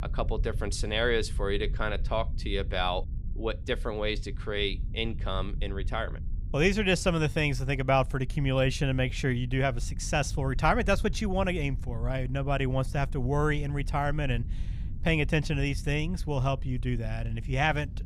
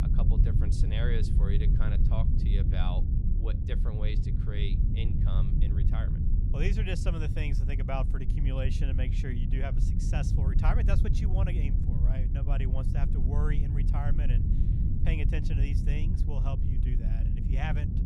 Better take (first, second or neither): first